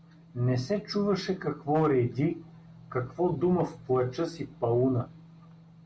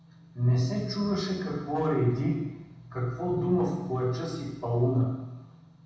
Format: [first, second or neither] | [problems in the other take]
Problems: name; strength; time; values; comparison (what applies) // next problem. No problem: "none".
first | room echo; dies away in 1.1 s